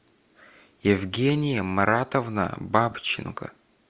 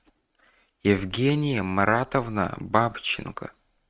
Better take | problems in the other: first | noise reduction (neural mask model RNNoise)

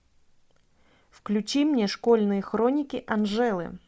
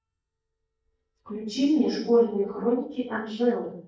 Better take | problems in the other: first | noise reduction (neural mask model DeepFilterNet 3)

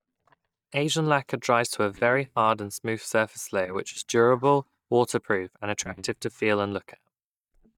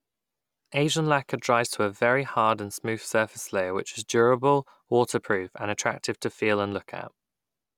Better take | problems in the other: second | noise reduction (neural mask model DeepFilterNet 3)

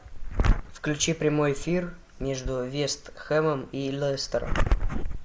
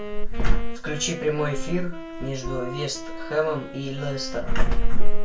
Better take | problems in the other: first | background sound (Wind instrument, woodwind instrument); 18 dB below the speech // room echo; dies away in 0.2 s

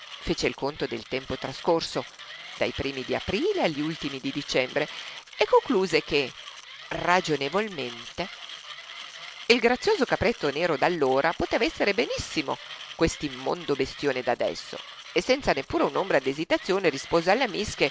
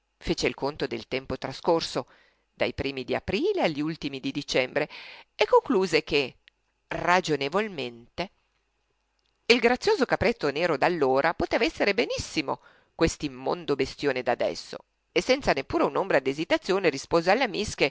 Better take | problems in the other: second | background sound (Mechanisms); 15 dB below the speech

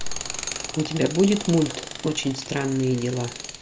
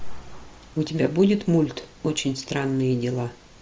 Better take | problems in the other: second | background sound (Tools); 10 dB below the speech

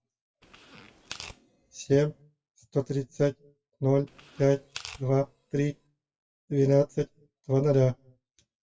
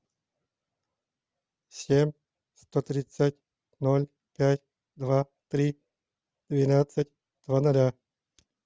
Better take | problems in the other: second | noise reduction (classical method WPE with log-MMSE)

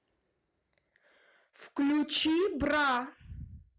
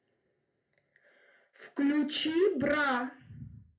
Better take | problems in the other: first | room echo; dies away in 0.3 s

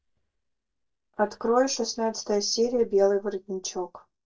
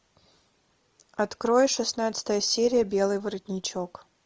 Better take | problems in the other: second | noise reduction (neural mask model DeepFilterNet 3)

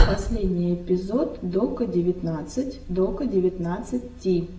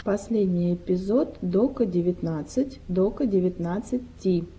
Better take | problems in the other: second | room echo; dies away in 0.5 s

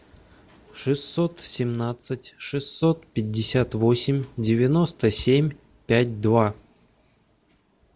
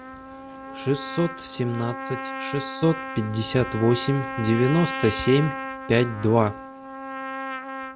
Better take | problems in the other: first | background sound (Trumpet); 9 dB below the speech

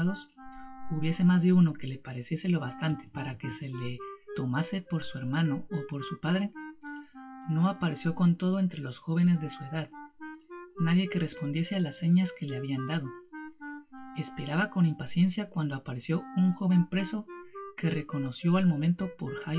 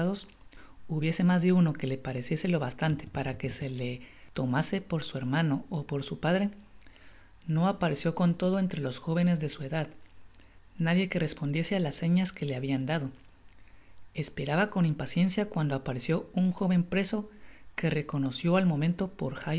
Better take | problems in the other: second | noise reduction (classical method WPE with log-MMSE)

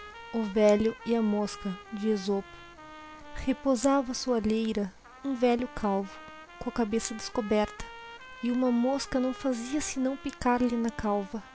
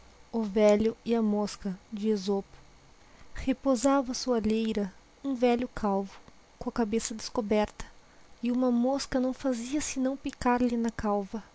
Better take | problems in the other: second | background sound (Trumpet); 18 dB below the speech

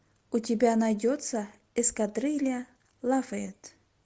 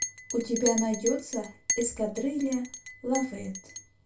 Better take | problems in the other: first | background sound (Chink, clink); 6 dB below the speech // room echo; dies away in 0.2 s

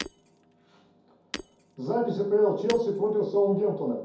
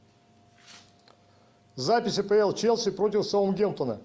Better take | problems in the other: second | background sound (Shatter); 18 dB below the speech // room echo; dies away in 0.6 s

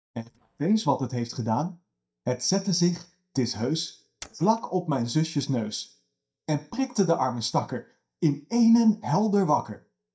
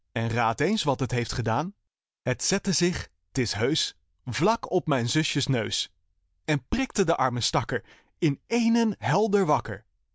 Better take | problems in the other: second | noise reduction (neural mask model DeepFilterNet 3)

